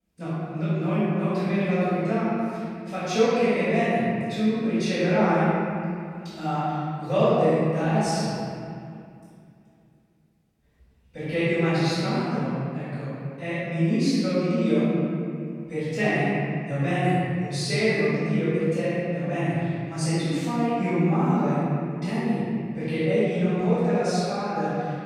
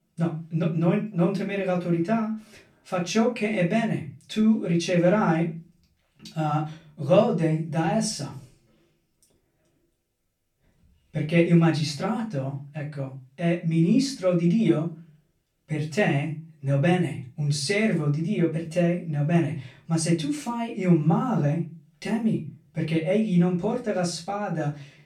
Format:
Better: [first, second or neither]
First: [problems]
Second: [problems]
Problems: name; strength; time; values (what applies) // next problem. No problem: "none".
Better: second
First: room echo; strong; dies away in 2.5 s // off-mic speech; far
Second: room echo; slight; dies away in 0.3 s // off-mic speech; far